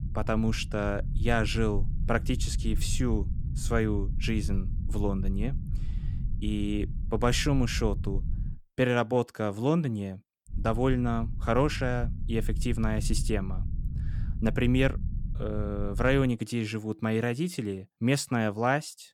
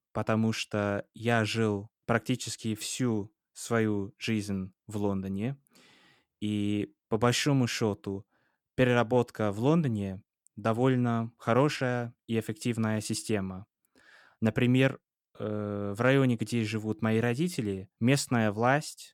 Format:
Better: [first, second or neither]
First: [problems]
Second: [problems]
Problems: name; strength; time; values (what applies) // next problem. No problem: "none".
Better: second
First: low rumble; noticeable; until 8.5 s and from 11 to 16 s; 20 dB below the speech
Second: none